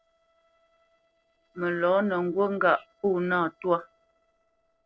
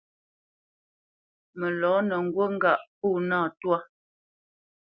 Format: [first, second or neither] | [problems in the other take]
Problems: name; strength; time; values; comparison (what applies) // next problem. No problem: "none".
second | noise reduction (neural separator model SepFormer DNS4)